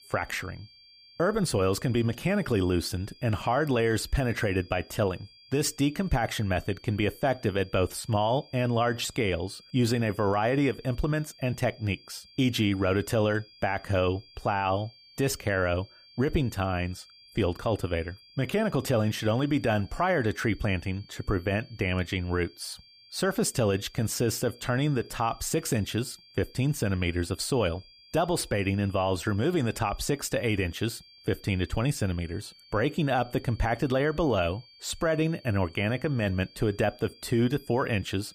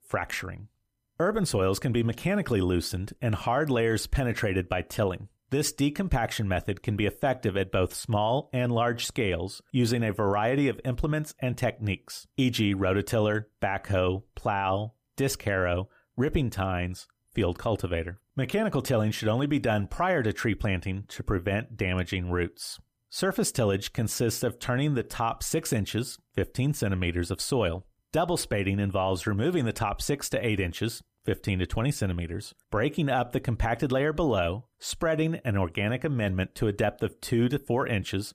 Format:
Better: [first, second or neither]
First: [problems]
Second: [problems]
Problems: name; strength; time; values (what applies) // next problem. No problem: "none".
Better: second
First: high-pitched whine; faint; throughout; 4.5 kHz, 25 dB below the speech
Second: none